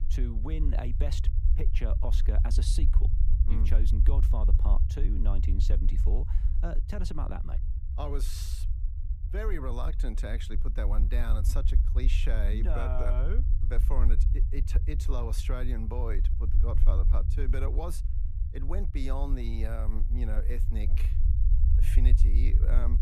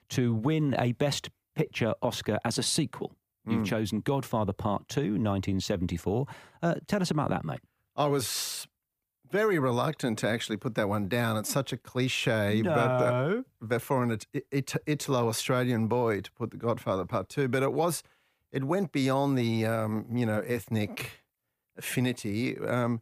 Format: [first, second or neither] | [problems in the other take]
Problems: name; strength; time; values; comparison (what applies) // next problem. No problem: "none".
second | low rumble; loud; throughout; 8 dB below the speech